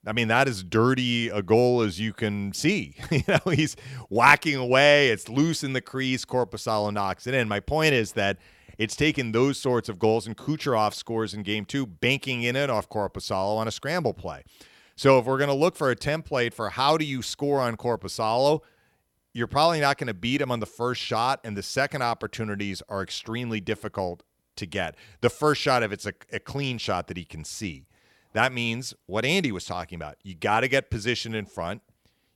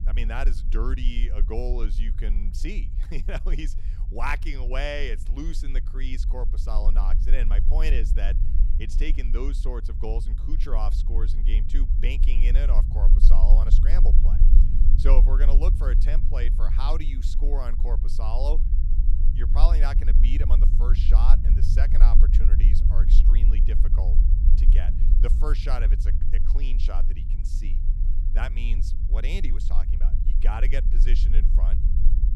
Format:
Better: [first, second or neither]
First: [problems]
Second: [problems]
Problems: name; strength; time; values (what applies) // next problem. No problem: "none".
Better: first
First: none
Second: low rumble; loud; throughout; 9 dB below the speech